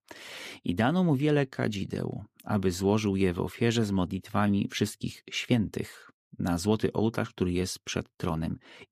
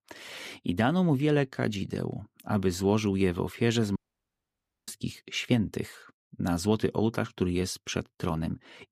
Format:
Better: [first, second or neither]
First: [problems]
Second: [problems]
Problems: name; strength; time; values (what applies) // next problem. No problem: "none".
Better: first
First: none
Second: audio cutting out; at 4 s for 1 s